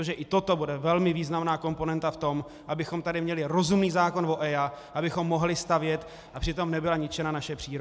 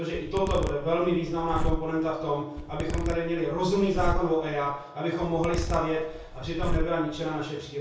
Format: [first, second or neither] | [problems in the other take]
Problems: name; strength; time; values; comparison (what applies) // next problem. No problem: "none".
first | background sound (Zipper (clothing)); 4 dB below the speech // room echo; dies away in 0.6 s